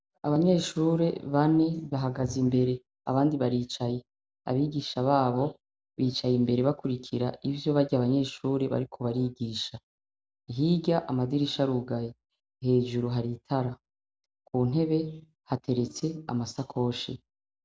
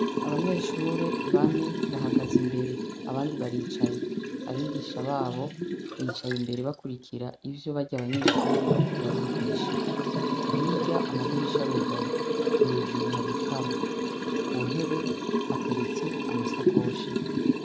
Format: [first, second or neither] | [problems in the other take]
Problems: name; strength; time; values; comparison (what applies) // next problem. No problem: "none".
first | background sound (Liquid); 5 dB above the speech